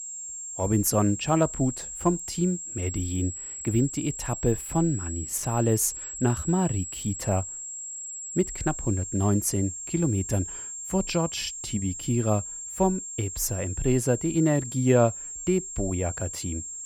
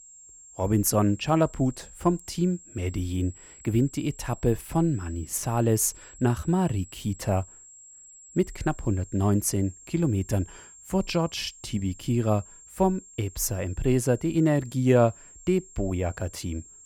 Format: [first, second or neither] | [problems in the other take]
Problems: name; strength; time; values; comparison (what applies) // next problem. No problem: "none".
second | high-pitched whine; loud; throughout; 7.5 kHz, 7 dB below the speech; faint in the second